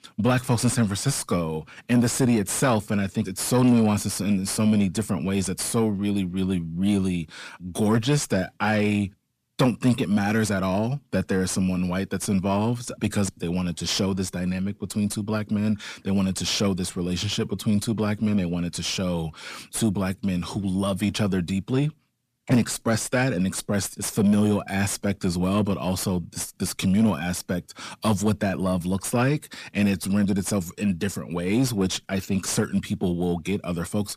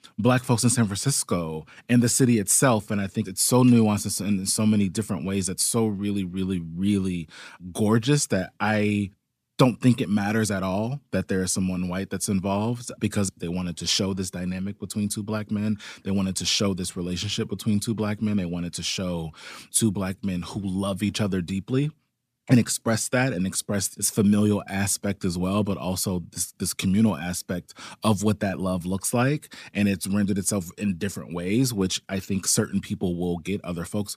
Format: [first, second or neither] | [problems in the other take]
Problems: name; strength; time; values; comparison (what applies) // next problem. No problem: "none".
second | distortion; slight; 10 dB below the speech